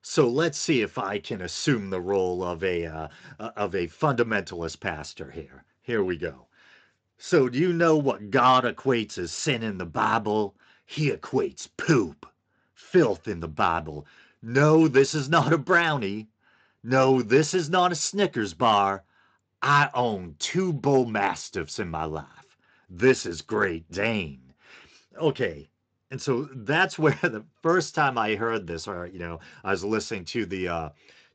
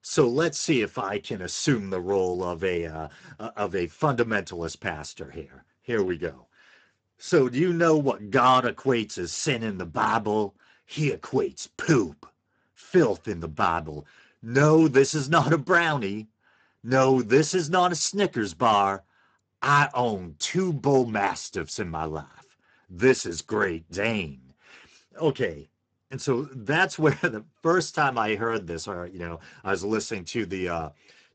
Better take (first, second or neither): first